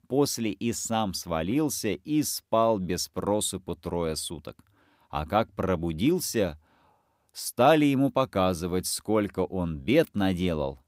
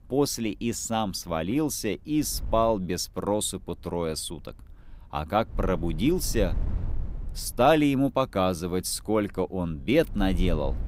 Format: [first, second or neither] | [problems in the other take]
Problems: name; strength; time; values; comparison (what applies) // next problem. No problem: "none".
first | wind noise on the microphone; occasional gusts; 25 dB below the speech